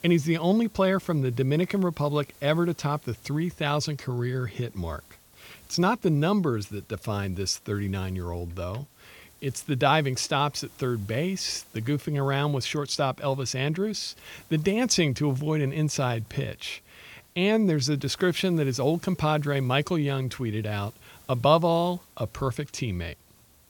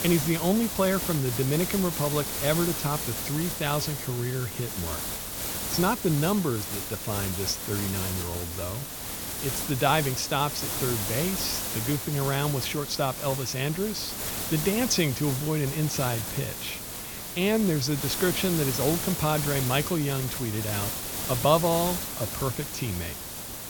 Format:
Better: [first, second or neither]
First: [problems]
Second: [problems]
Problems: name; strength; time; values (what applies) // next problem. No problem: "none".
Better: first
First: hiss; faint; throughout; 25 dB below the speech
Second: hiss; loud; throughout; 3 dB below the speech